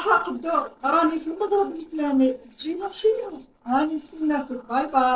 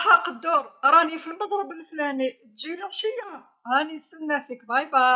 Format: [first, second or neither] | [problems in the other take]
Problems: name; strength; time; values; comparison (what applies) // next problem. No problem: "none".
second | noise reduction (neural separator model SepFormer DNS4)